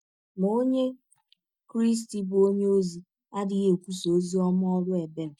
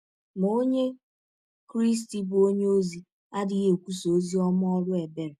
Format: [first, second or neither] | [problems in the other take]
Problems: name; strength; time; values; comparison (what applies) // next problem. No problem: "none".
second | noise reduction (neural mask model DeepFilterNet 3)